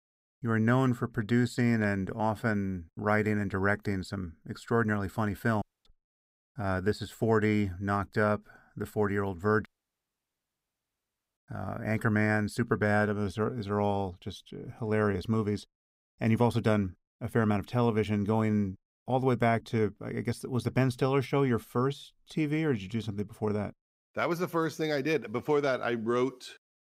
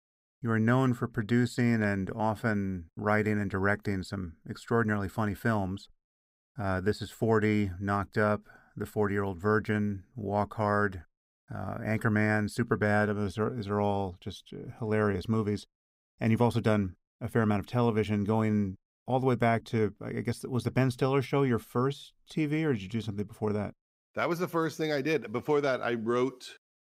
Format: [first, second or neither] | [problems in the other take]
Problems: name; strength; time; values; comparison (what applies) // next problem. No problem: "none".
second | audio cutting out; at 5.5 s and at 9.5 s for 1.5 s